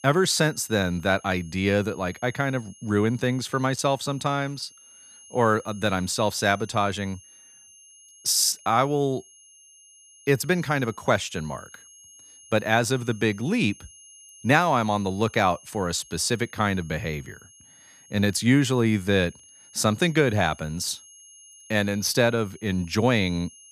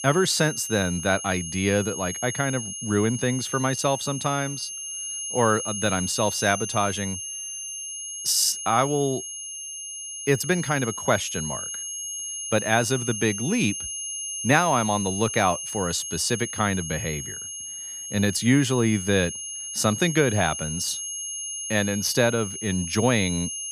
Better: first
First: high-pitched whine; faint; throughout; 6.5 kHz, 25 dB below the speech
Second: high-pitched whine; loud; throughout; 6.5 kHz, 6 dB below the speech

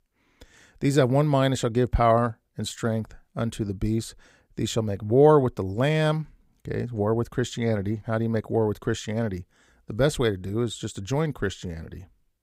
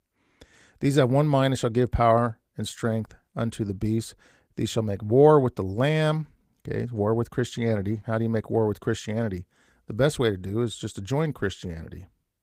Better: first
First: none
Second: garbled, watery; slightly; nothing above 15.5 kHz

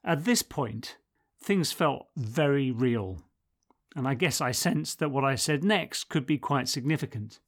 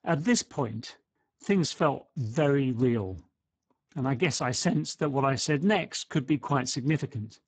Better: first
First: none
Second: garbled, watery; badly; nothing above 7.5 kHz

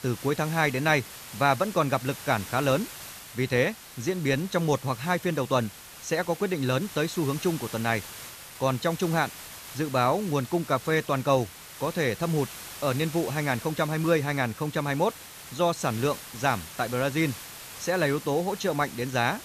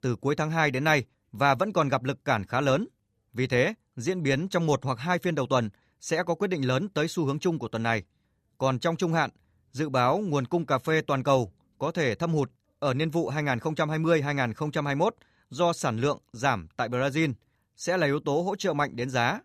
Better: second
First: hiss; noticeable; throughout; 15 dB below the speech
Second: none

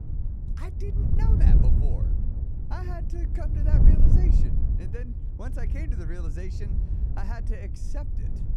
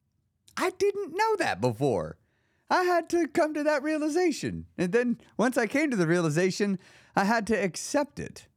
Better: second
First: wind noise on the microphone; heavy; 1 dB above the speech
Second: none

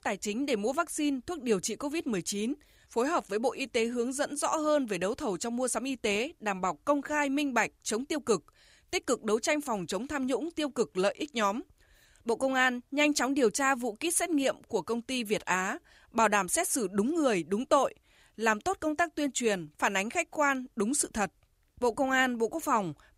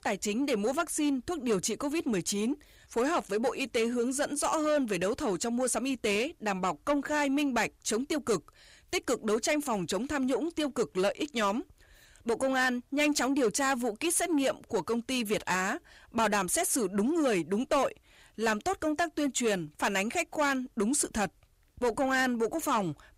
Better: first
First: none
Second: distortion; slight; 10 dB below the speech

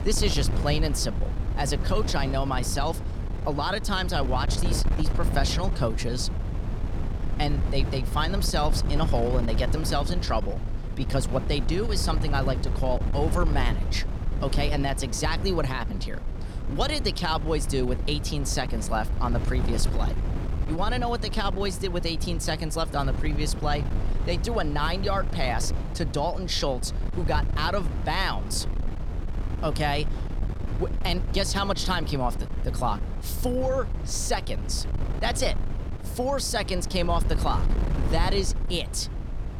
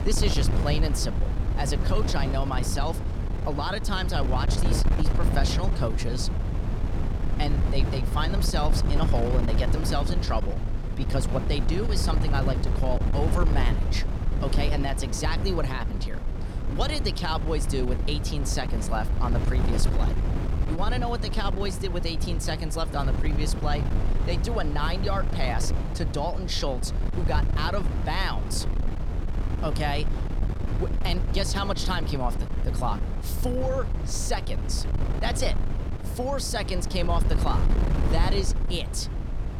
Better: first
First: wind noise on the microphone; occasional gusts; 10 dB below the speech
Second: wind noise on the microphone; heavy; 7 dB below the speech

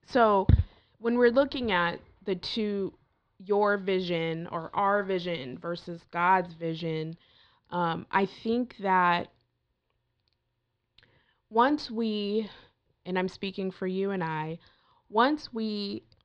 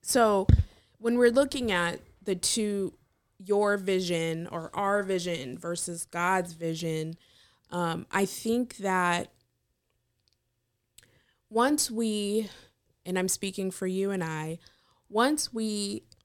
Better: second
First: muffled; slightly; fading above 4 kHz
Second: none

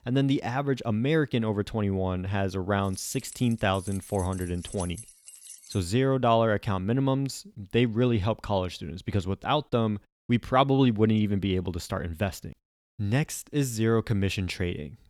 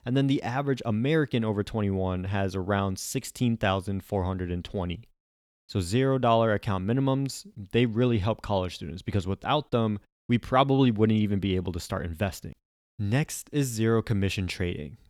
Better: second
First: jangling keys; faint; from 3 to 6 s; peak 15 dB below the speech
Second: none

